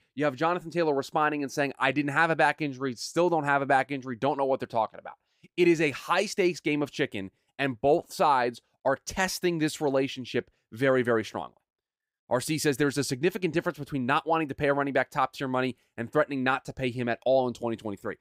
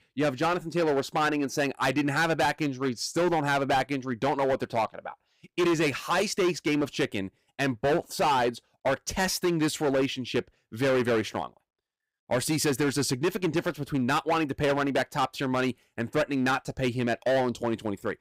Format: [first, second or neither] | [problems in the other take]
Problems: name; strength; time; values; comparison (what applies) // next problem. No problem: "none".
first | distortion; heavy; 13% of the sound clipped